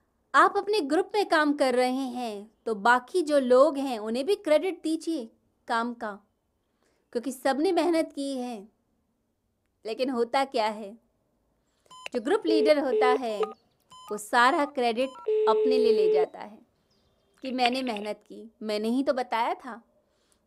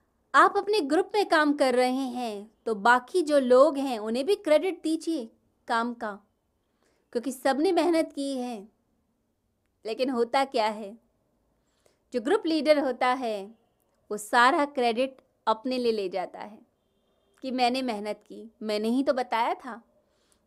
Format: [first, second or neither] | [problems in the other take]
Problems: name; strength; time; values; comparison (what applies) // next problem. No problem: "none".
second | phone ringing; loud; from 12 to 18 s; peak 4 dB above the speech